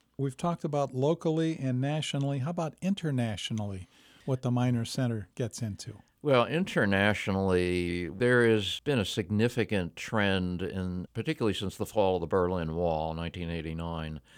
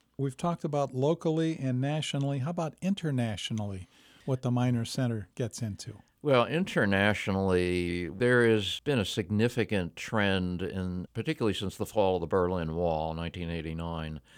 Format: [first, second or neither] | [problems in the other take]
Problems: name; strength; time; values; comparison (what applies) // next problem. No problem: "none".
neither | none